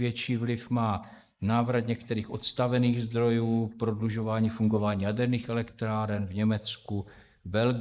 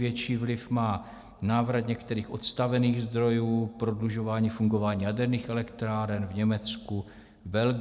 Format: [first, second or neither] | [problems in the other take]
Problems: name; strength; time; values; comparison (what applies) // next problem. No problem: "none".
second | noise reduction (neural mask model Resemble Enhance denoiser)